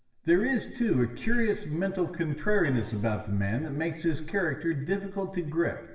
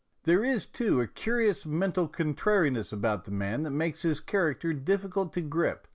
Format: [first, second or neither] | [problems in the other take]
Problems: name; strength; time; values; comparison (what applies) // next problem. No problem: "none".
second | background sound (Keyboard (musical)); 20 dB below the speech // room echo; dies away in 1 s